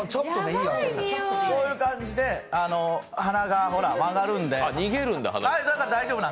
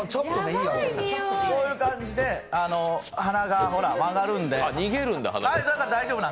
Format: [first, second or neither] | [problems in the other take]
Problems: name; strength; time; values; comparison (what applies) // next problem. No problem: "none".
first | background sound (Writing); 17 dB below the speech